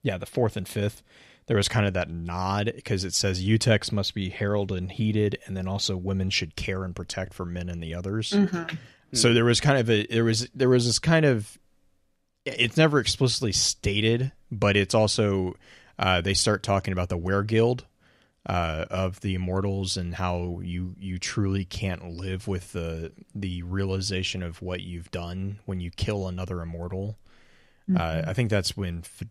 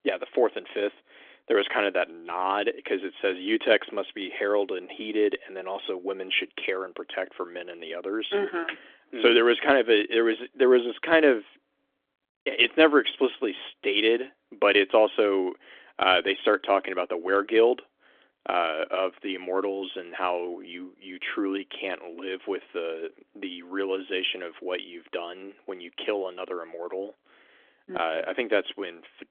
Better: first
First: none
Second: phone-call audio; nothing above 3.5 kHz

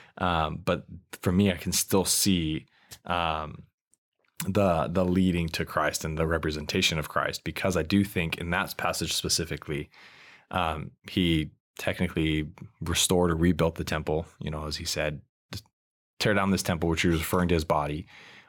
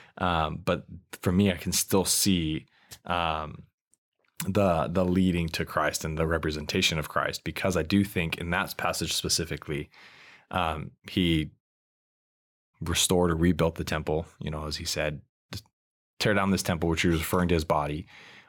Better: first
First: none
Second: audio cutting out; at 12 s for 1 s

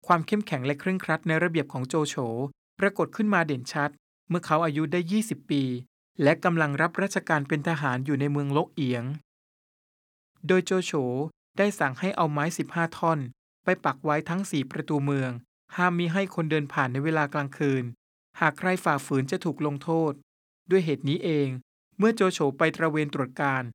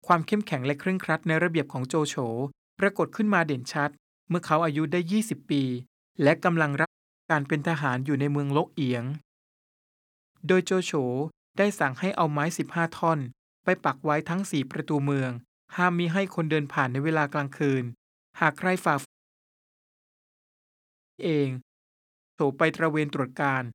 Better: first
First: none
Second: audio cutting out; at 7 s, at 19 s for 2 s and at 22 s

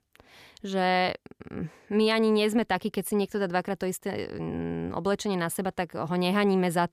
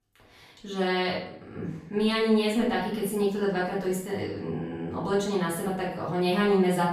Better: first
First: none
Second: room echo; noticeable; dies away in 0.5 s // off-mic speech; far

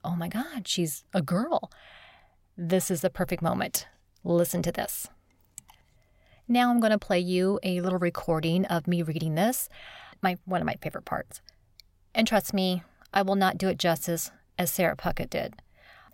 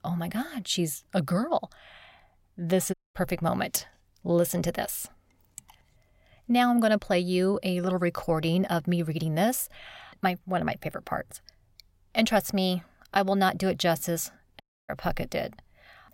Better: first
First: none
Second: audio cutting out; at 3 s and at 15 s

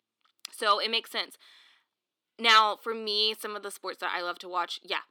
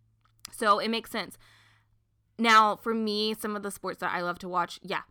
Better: second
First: thin; somewhat; fading below 300 Hz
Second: none

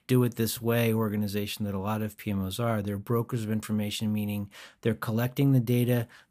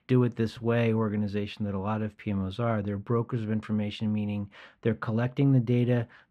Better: first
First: none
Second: muffled; slightly; fading above 2.5 kHz

